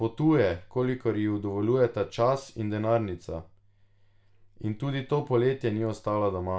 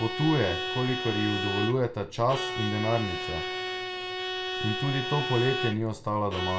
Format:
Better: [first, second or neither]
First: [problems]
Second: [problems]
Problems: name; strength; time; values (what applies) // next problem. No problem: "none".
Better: first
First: none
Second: background sound (Bowed string instrument); 4 dB below the speech // room echo; dies away in 1.7 s